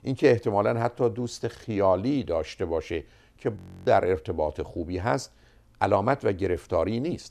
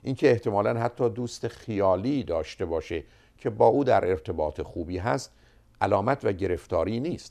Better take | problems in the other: second | audio freezing; at 3.5 s

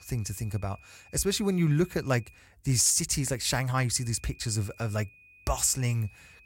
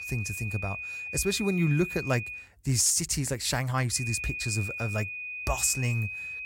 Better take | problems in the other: first | high-pitched whine; loud; until 2.5 s and from 4 s on; 2.5 kHz, 6 dB below the speech; faint in the first

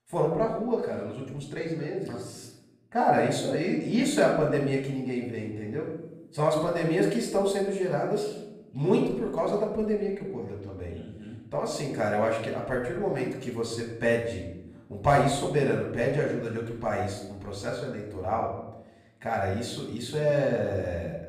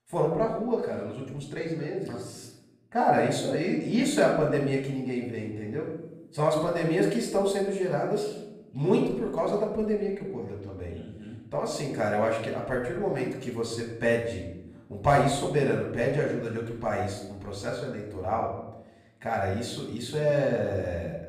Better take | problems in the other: neither | off-mic speech; far; the same in both // room echo; noticeable; dies away in 0.8 s; the same in both

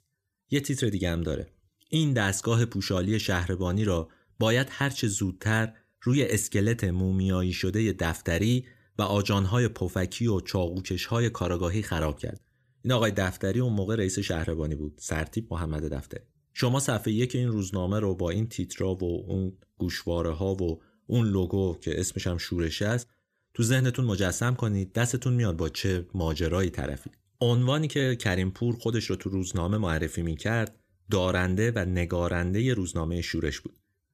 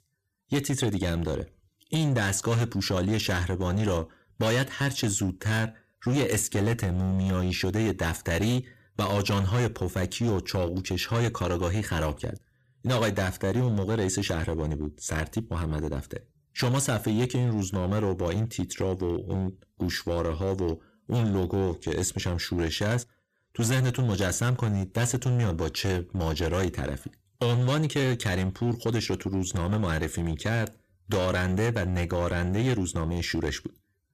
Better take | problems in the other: first | distortion; slight; 11% of the sound clipped

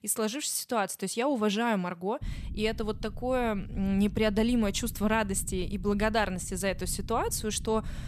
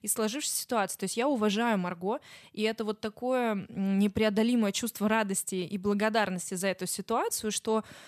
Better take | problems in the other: second | low rumble; faint; from 2 s on; 25 dB below the speech

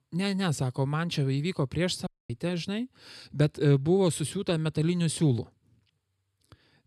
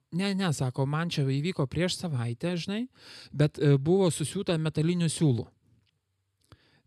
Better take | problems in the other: second | audio cutting out; at 2 s

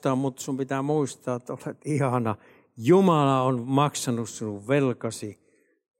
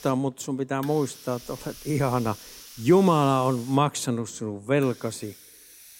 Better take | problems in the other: first | hiss; noticeable; throughout; 20 dB below the speech

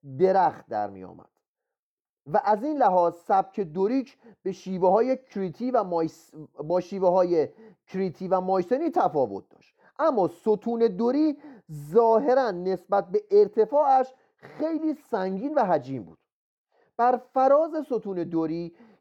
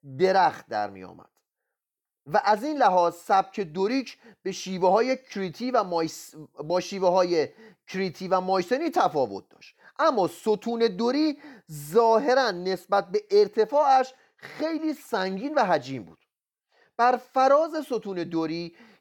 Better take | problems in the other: second | muffled; slightly; fading above 1.5 kHz

